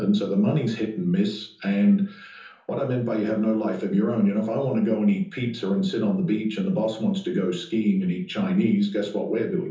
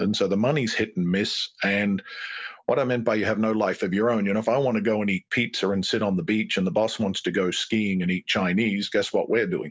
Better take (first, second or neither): second